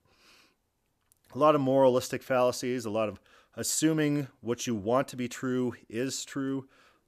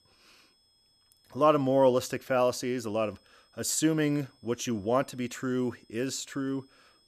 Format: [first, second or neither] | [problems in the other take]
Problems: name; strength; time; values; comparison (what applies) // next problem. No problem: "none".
first | high-pitched whine; faint; throughout; 5 kHz, 35 dB below the speech